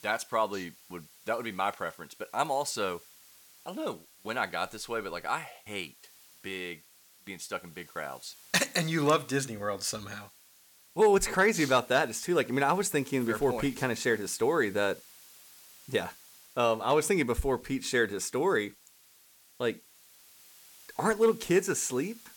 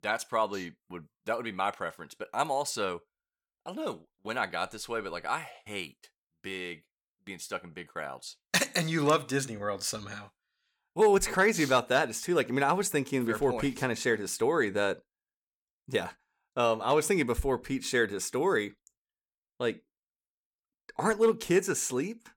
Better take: second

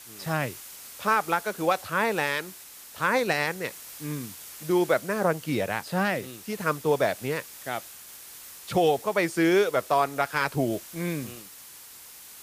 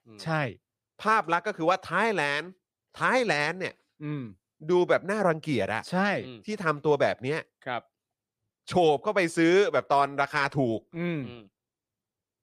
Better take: second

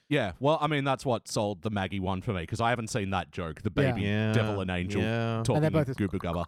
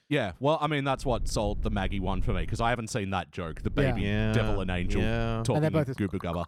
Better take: first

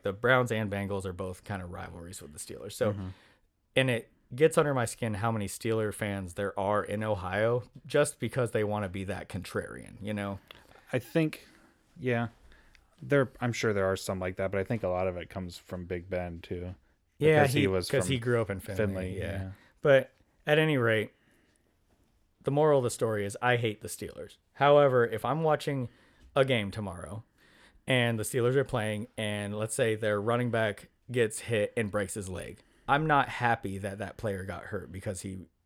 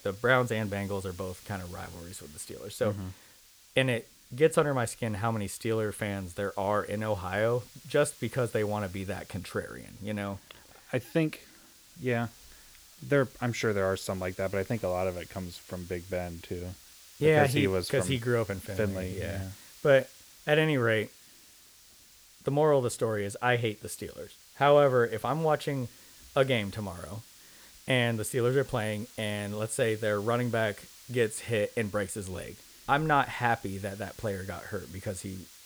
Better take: first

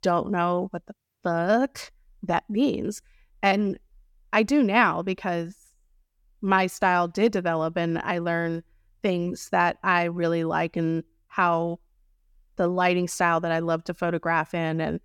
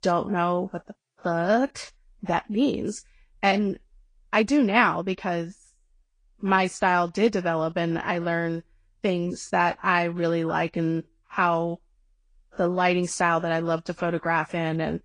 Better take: first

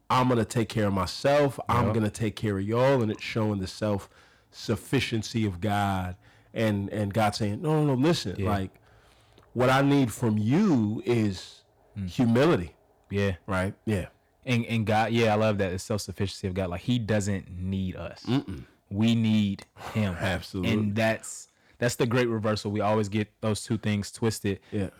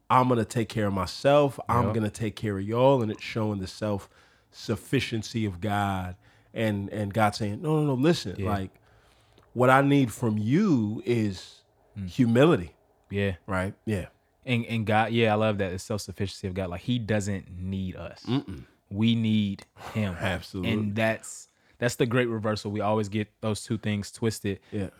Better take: second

